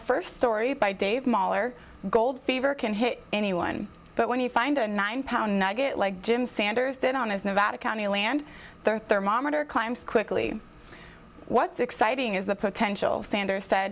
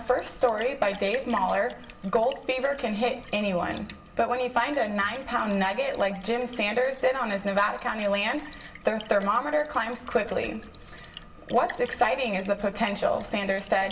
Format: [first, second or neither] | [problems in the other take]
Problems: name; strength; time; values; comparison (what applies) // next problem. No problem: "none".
first | background sound (Splash, splatter); 20 dB below the speech // room echo; dies away in 0.8 s